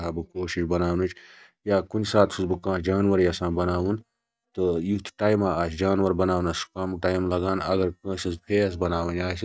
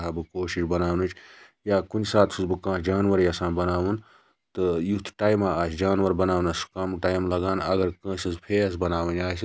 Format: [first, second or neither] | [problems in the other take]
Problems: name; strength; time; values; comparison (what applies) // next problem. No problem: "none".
second | noise reduction (neural mask model DeepFilterNet 3)